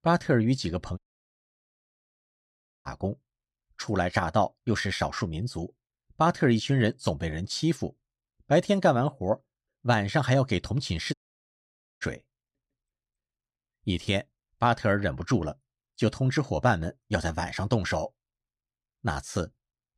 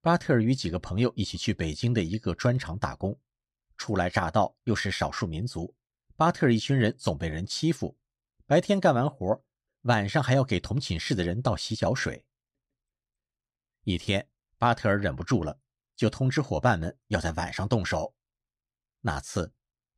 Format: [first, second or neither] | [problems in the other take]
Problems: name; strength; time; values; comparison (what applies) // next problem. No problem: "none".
second | audio cutting out; at 1 s for 2 s and at 11 s for 1 s